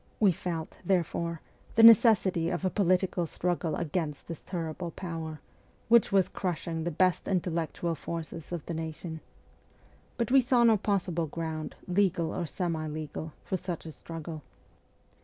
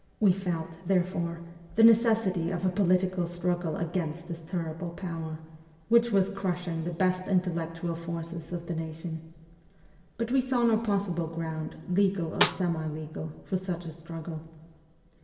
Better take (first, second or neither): first